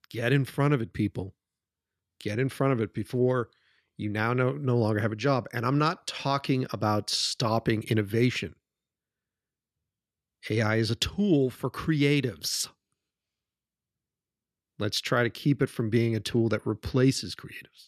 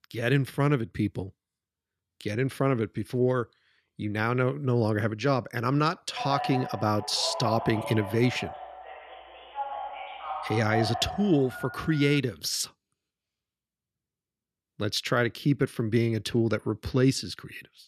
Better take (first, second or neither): first